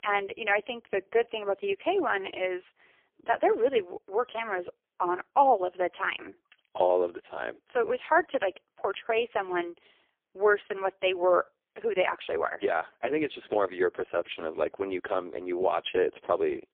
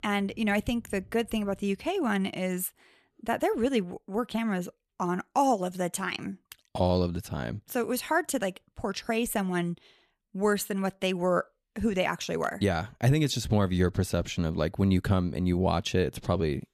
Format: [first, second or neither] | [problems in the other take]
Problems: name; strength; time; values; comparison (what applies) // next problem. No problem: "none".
second | phone-call audio; poor line; nothing above 3.5 kHz